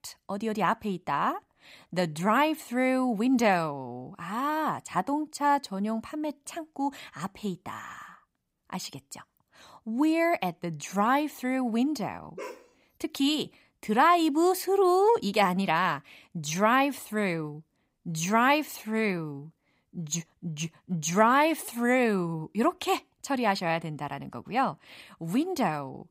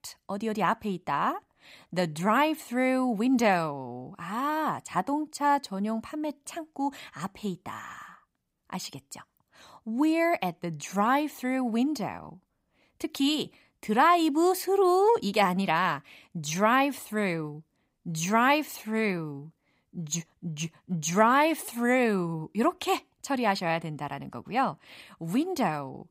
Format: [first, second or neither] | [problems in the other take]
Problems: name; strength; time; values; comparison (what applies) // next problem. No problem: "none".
second | dog barking; faint; at 12 s; peak 15 dB below the speech